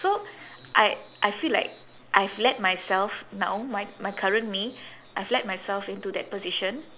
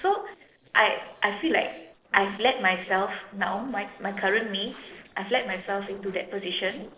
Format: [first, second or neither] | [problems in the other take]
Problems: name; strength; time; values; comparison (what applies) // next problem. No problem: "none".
first | noise reduction (neural separator model SepFormer DNS4)